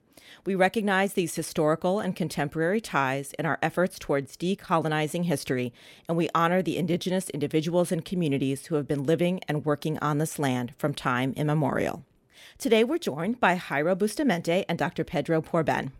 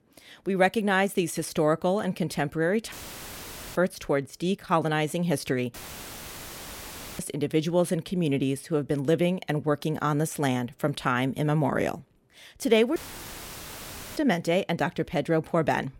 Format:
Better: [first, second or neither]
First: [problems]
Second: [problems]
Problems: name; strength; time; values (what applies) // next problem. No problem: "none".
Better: first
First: none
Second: audio cutting out; filled with static; at 3 s for 1 s, at 5.5 s for 1.5 s and at 13 s for 1 s